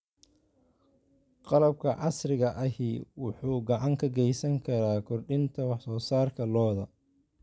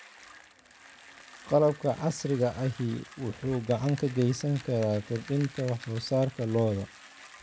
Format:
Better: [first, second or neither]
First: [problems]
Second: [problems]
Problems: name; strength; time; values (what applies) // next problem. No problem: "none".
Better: first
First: none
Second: background sound (Bicycle); 20 dB below the speech